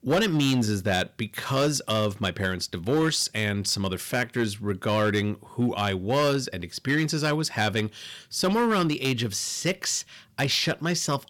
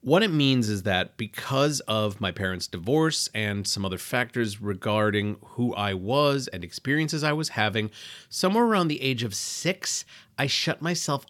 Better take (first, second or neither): second